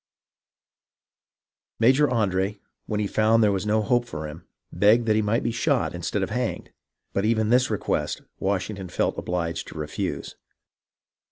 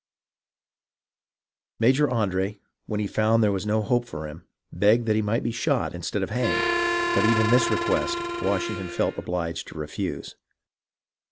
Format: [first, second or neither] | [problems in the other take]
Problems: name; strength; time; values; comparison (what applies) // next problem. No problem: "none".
first | background sound (Harmonica); 1 dB below the speech